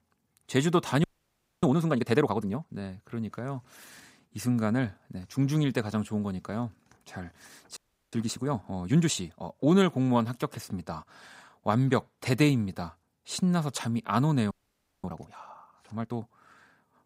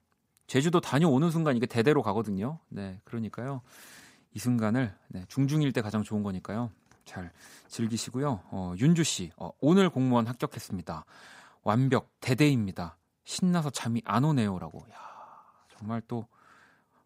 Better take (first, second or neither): second